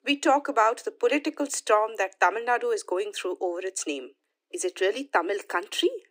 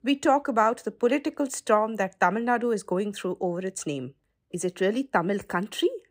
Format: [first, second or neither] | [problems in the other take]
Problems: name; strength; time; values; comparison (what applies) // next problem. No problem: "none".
second | thin; very slightly; fading below 300 Hz